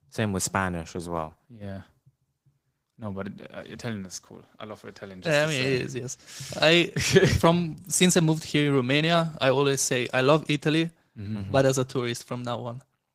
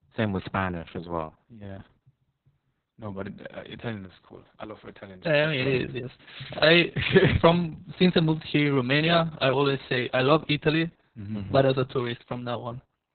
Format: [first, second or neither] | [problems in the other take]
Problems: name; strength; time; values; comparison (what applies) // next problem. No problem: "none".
first | garbled, watery; badly; nothing above 4 kHz; slightly in the first